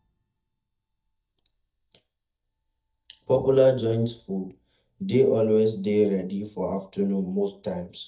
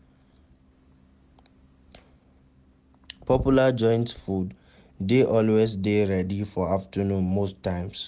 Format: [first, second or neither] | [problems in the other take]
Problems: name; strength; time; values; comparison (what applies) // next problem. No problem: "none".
second | noise reduction (neural mask model DeepFilterNet 3)